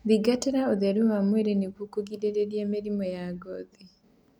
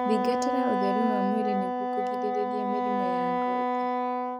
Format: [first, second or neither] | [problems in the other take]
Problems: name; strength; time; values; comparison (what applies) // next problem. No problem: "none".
first | background sound (Wind instrument, woodwind instrument); 5 dB above the speech